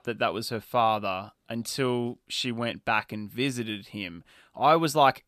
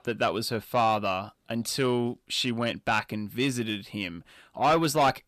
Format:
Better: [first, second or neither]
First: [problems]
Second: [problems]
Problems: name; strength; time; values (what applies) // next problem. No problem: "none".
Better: first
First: none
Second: distortion; slight; 10 dB below the speech